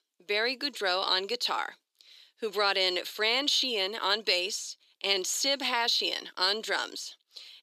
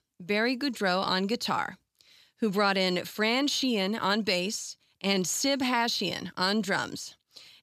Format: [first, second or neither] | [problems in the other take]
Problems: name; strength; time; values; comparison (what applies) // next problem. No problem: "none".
second | thin; somewhat; fading below 350 Hz